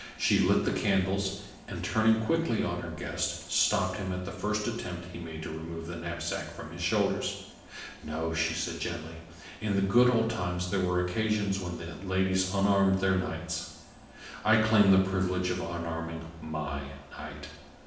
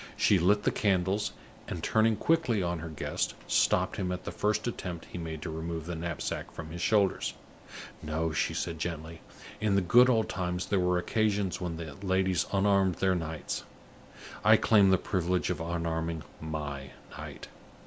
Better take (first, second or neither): second